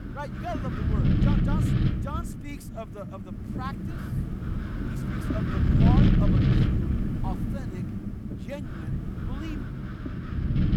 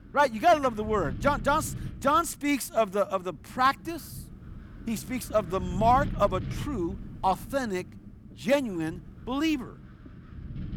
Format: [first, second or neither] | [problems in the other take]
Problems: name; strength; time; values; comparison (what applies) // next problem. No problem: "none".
second | wind noise on the microphone; heavy; 4 dB above the speech; occasional gusts in the second